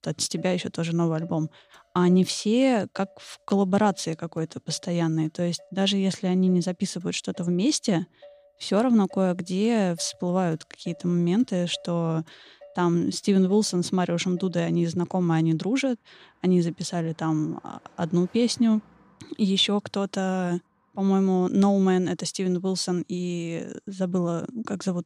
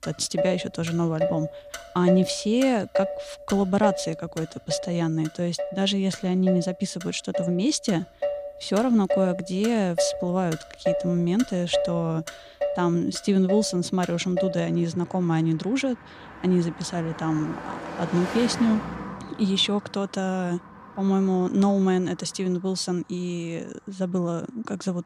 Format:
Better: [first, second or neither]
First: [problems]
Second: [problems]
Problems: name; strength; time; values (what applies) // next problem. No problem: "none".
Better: first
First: traffic noise; faint; throughout; 30 dB below the speech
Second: traffic noise; loud; throughout; 7 dB below the speech